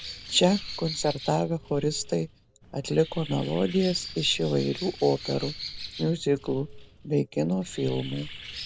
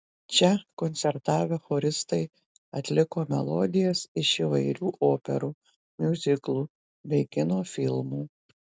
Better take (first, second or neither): second